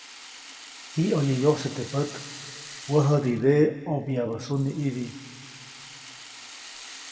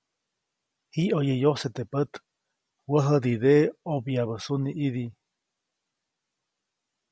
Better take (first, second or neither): second